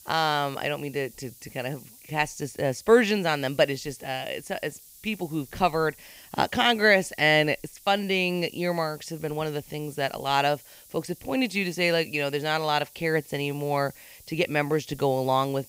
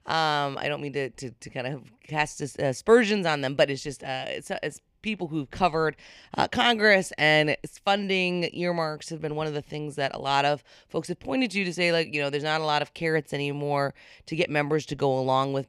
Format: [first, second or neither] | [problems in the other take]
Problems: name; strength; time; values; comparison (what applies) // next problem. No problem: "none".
second | hiss; faint; throughout; 20 dB below the speech